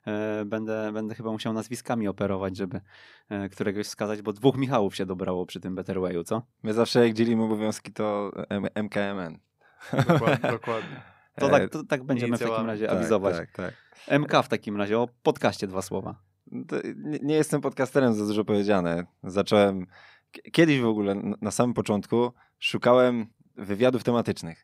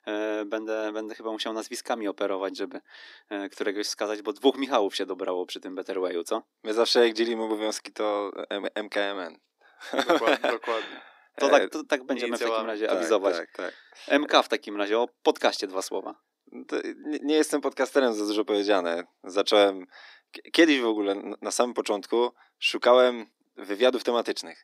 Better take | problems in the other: first | thin; somewhat; fading below 300 Hz

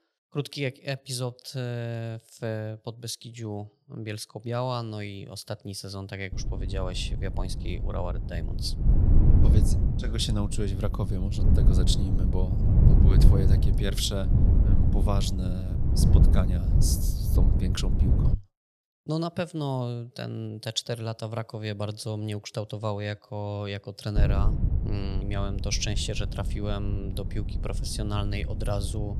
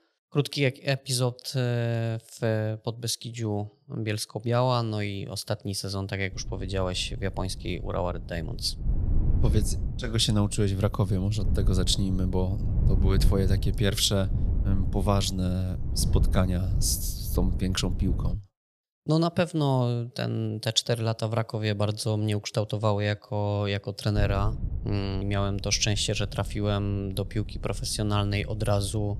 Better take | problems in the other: second | wind noise on the microphone; heavy; from 6.5 to 18 s and from 24 s on; 5 dB below the speech; occasional gusts in the second

